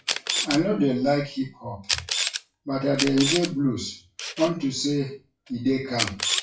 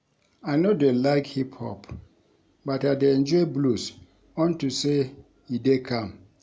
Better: second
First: noise reduction (classical method WPE with log-MMSE)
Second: none

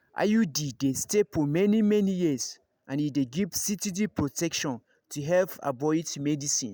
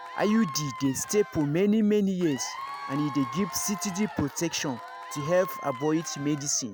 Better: first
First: none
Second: background sound (Applause / Crowd / Cheering); 12 dB below the speech

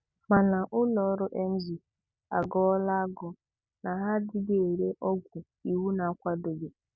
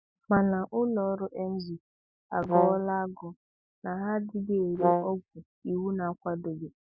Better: first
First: none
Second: noise reduction (classical method Wiener filter)

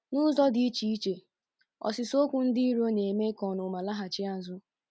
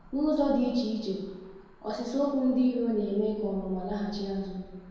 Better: first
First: none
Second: background sound (Cricket / Motor vehicle (road)); 19 dB below the speech // room echo; dies away in 1.2 s

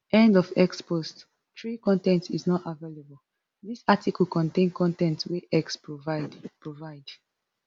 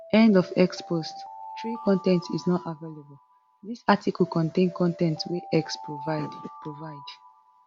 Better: first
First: none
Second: background sound (Alarm); 16 dB below the speech

